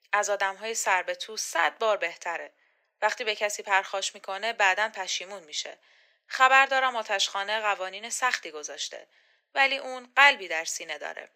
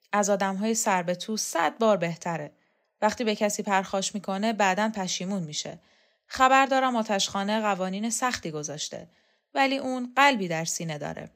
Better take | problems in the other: second | thin; very; fading below 400 Hz

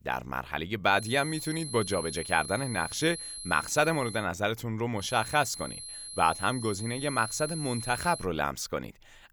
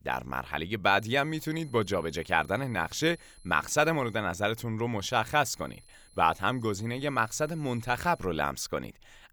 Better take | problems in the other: second | high-pitched whine; loud; from 1 to 4 s and from 5 to 8 s; 11 kHz, 9 dB below the speech; faint in the second

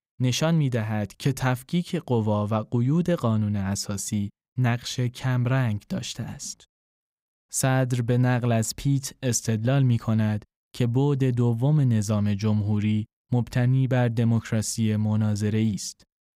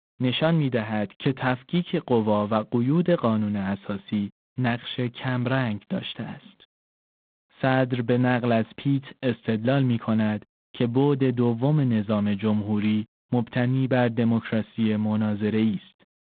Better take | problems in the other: first | phone-call audio; poor line; nothing above 3.5 kHz

